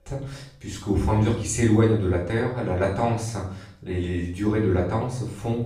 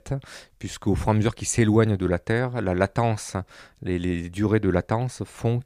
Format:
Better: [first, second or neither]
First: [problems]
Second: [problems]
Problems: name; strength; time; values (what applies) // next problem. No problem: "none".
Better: second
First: off-mic speech; far // room echo; noticeable; dies away in 0.5 s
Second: none